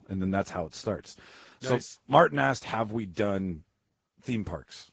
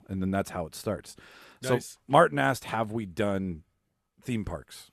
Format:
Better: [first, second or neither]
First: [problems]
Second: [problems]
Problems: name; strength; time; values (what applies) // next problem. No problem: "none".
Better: second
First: garbled, watery; badly; nothing above 7.5 kHz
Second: none